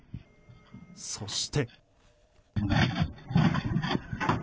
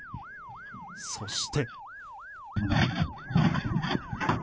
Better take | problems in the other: first | background sound (Motor vehicle (road) / Siren); 14 dB below the speech

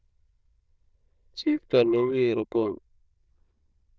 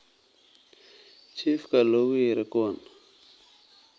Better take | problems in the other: second | noise reduction (neural diffusion model UNIVERSE++)

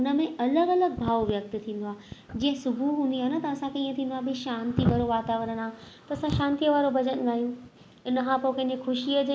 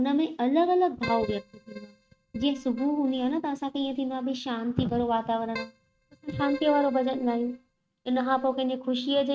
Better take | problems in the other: first | noise reduction (neural mask model RNNoise)

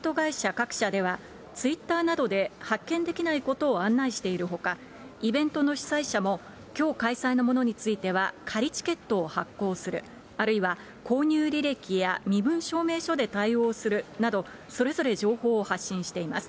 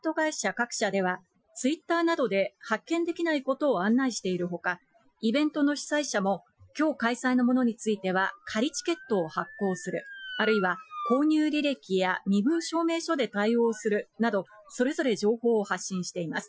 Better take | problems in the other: first | noise reduction (classical method Wiener filter)

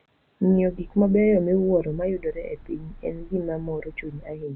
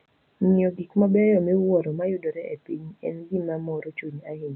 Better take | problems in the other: second | background sound (Car); 18 dB below the speech

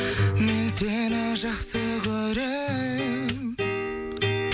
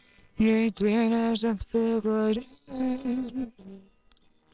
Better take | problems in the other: first | noise reduction (neural separator model SepFormer WHAMR!)

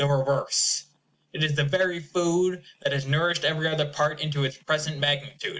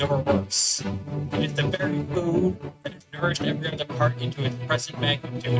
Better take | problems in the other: first | noise reduction (neural mask model RNNoise)

